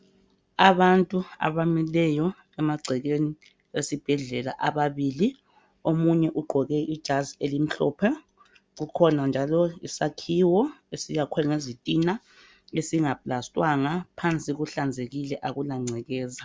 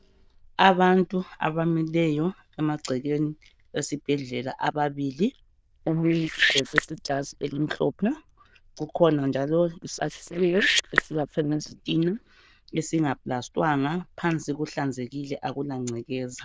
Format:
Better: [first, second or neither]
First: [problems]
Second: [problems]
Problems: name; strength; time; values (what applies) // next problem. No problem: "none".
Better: first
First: none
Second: noise reduction (neural diffusion model UNIVERSE++)